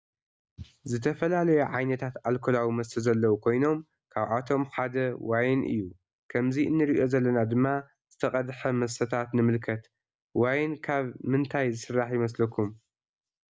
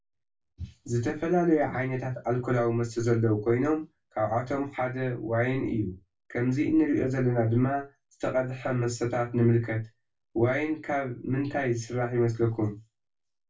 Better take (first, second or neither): first